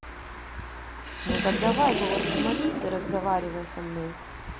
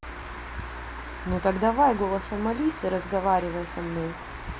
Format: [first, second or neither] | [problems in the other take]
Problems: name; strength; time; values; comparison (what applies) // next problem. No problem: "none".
second | background sound (Sink (filling or washing) / Water); 1 dB below the speech